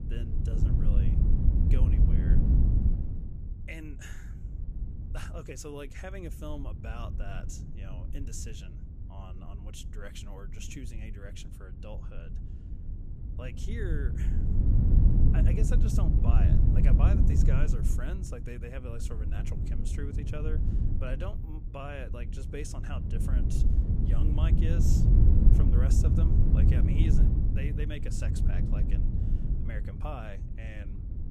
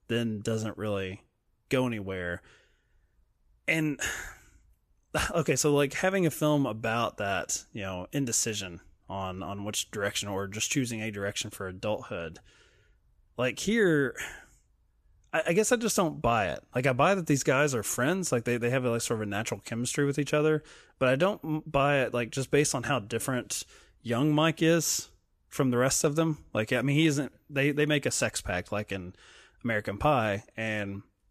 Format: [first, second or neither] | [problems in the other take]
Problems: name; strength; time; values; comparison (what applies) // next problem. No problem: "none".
second | wind noise on the microphone; heavy; 2 dB above the speech